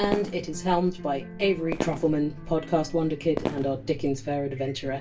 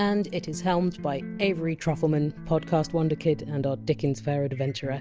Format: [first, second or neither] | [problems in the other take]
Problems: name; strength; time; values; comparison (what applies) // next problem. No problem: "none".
second | background sound (Fireworks); 11 dB below the speech // room echo; dies away in 0.2 s